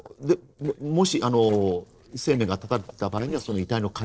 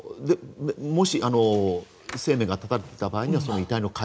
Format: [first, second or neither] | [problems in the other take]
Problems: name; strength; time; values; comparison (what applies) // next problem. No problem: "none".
second | noise reduction (neural separator model SepFormer DNS4)